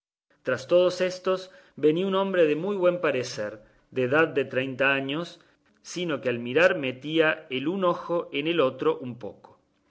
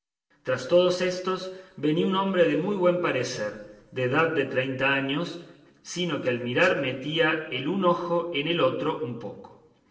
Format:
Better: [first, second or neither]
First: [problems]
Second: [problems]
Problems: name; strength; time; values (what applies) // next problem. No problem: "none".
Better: first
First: none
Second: room echo; dies away in 0.8 s